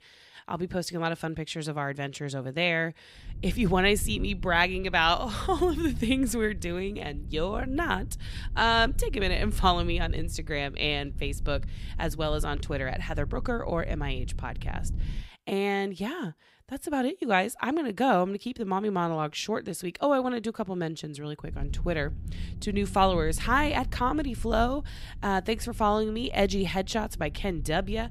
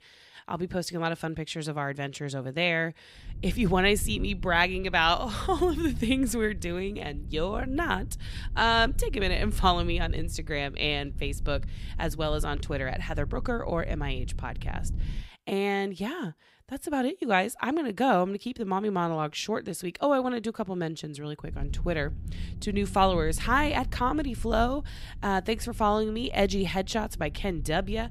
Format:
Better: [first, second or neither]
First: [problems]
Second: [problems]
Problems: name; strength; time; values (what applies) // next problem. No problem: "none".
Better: neither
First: low rumble; faint; from 3 to 15 s and from 21 s on; 25 dB below the speech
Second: low rumble; faint; from 3 to 15 s and from 21 s on; 25 dB below the speech